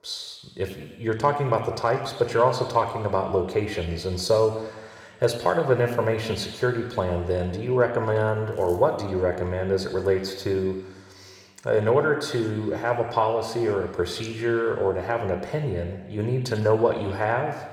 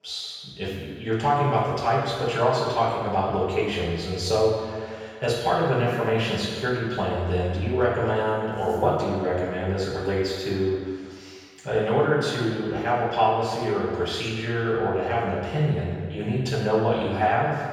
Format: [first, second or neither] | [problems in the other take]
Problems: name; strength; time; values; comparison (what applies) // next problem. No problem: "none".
first | room echo; strong; dies away in 1.7 s; slight in the first // off-mic speech; far